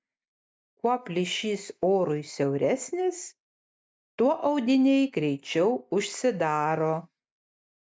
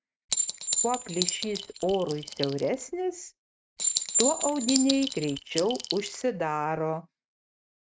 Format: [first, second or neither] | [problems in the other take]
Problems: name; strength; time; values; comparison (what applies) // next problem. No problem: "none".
first | noise reduction (neural mask model RNNoise)